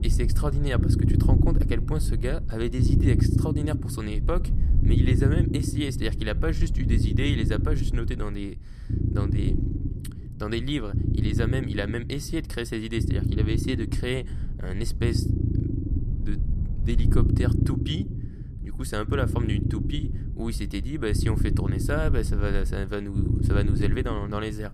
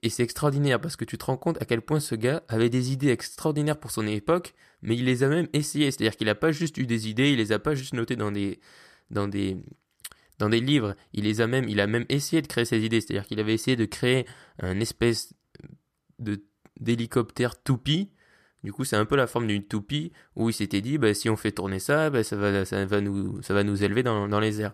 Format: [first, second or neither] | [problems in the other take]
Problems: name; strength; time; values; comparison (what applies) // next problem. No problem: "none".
second | low rumble; loud; throughout; 4 dB below the speech